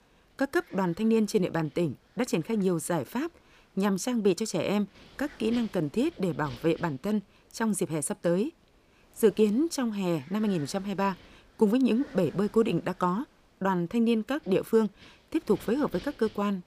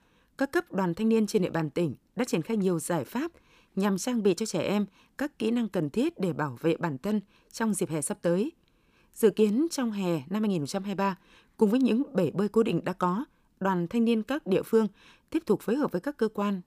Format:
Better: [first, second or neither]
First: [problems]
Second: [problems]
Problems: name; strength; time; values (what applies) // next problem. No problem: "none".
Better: second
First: wind noise on the microphone; occasional gusts; 25 dB below the speech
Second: none